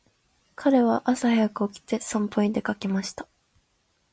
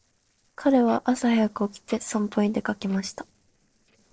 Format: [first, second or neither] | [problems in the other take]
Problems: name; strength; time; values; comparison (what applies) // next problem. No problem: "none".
first | noise reduction (neural separator model SepFormer DNS4)